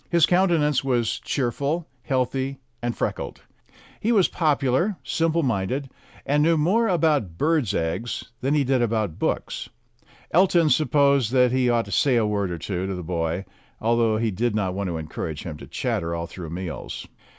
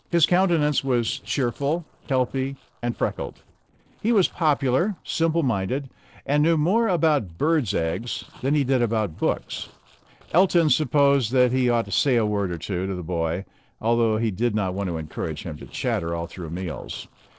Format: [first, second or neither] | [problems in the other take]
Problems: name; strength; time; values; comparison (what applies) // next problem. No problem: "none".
first | noise reduction (neural separator model SepFormer DNS4)